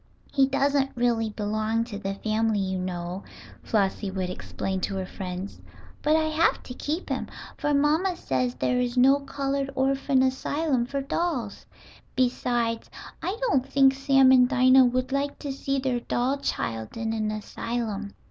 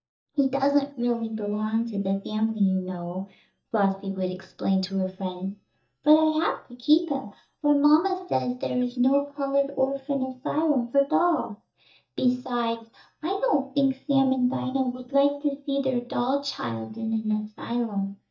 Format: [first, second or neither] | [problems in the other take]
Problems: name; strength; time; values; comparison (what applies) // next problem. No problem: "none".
first | noise reduction (neural mask model DeepFilterNet 3)